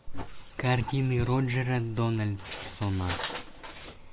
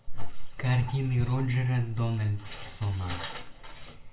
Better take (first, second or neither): first